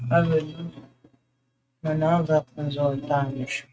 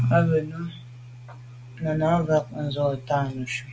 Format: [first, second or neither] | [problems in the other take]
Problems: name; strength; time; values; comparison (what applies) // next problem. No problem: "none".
second | noise reduction (neural mask model RNNoise)